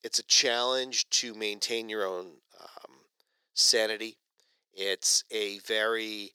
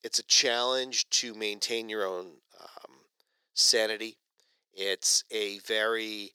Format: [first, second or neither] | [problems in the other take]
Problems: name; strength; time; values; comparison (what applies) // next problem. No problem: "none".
neither | thin; very; fading below 400 Hz; the same in both